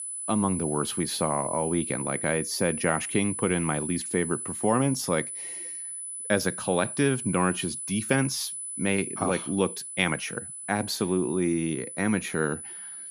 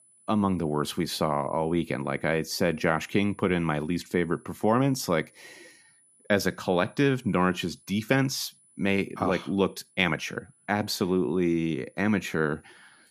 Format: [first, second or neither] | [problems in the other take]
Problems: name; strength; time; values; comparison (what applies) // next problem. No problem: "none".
second | high-pitched whine; loud; throughout; 10 kHz, 6 dB below the speech; faint in the second